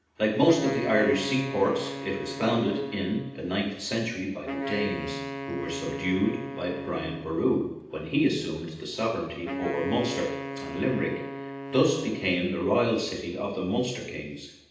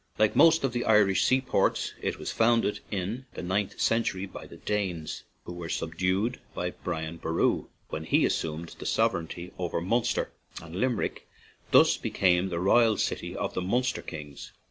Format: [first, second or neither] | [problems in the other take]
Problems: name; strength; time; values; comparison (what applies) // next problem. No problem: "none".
second | background sound (Wind instrument, woodwind instrument); 9 dB below the speech // room echo; dies away in 0.8 s